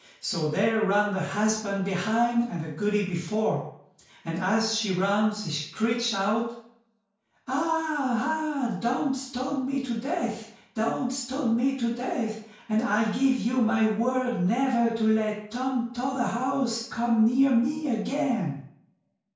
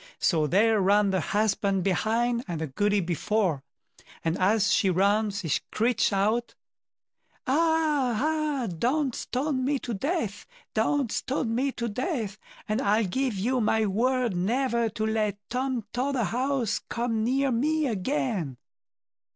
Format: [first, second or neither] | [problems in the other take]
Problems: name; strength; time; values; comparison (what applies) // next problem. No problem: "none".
second | room echo; dies away in 0.5 s